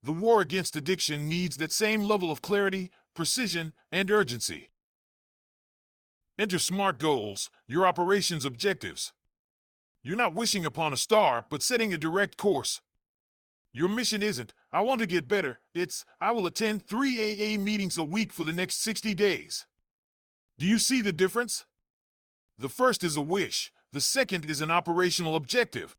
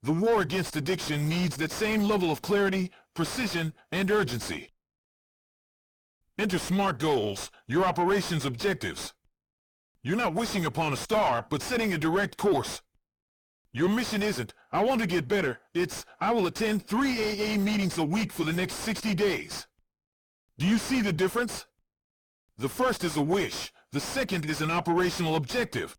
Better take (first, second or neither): first